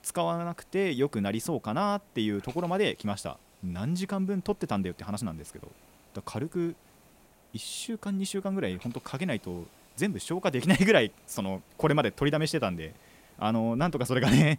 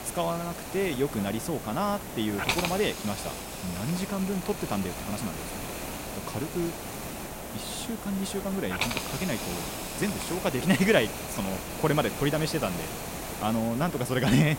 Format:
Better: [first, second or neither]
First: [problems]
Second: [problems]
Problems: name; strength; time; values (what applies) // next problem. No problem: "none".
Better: first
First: hiss; faint; throughout; 30 dB below the speech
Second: hiss; loud; throughout; 5 dB below the speech